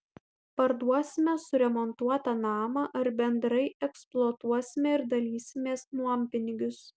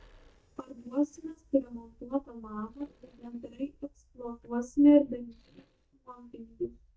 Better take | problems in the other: first | noise reduction (neural mask model DeepFilterNet 3)

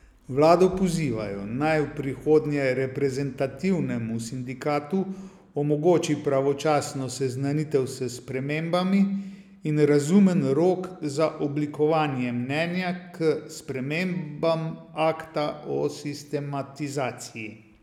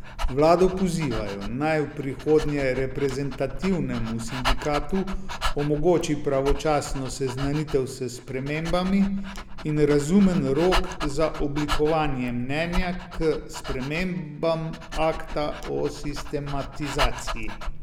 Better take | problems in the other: first | background sound (Dog); 5 dB below the speech

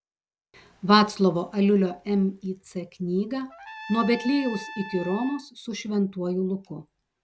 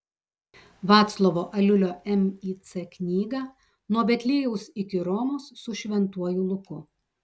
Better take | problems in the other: second | background sound (Trumpet); 14 dB below the speech

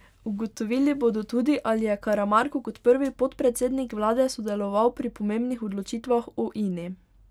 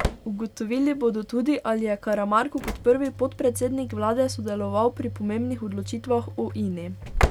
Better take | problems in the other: first | background sound (Slam / Engine); 7 dB below the speech

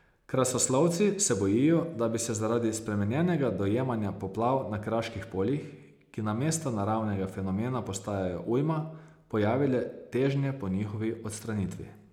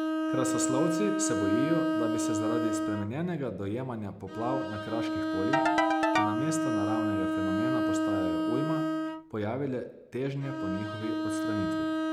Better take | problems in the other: first | background sound (Ringtone / Keyboard (musical) + Bowed string instrument); 4 dB above the speech

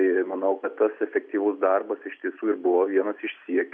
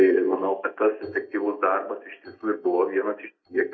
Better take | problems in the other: first | noise reduction (neural mask model DeepFilterNet 3)

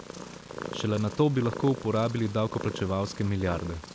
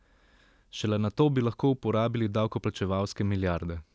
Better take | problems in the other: second | background sound (Purr); 11 dB below the speech

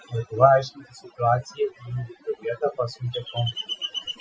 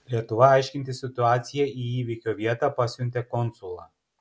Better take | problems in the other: second | noise reduction (classical method Wiener filter)

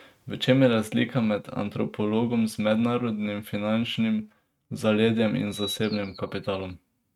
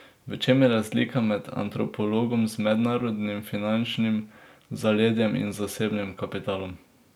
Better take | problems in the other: second | noise reduction (neural mask model RNNoise)

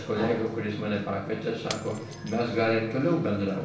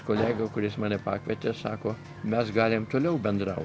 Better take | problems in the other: second | background sound (Shatter); 20 dB below the speech // room echo; dies away in 0.7 s

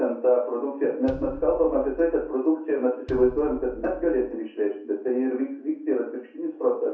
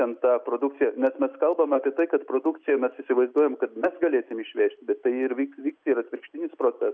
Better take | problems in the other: second | background sound (Bass drum); 17 dB below the speech // room echo; dies away in 0.5 s

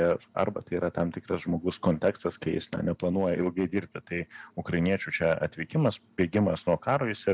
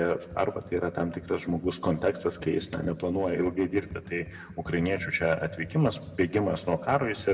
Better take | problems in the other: first | background sound (Computer keyboard); 18 dB below the speech // room echo; dies away in 1 s

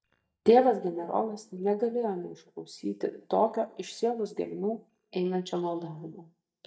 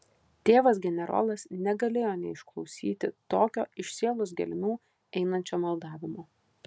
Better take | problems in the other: second | noise reduction (neural mask model DeepFilterNet 3)

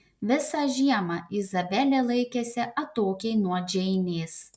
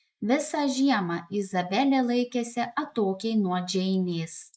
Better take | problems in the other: first | noise reduction (neural mask model Resemble Enhance denoiser)

